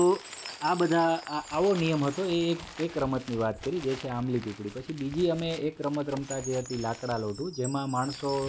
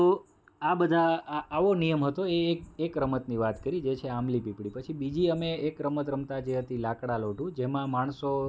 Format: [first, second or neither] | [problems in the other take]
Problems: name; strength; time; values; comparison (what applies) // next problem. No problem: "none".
second | background sound (Chime + Crumpling, crinkling); 15 dB below the speech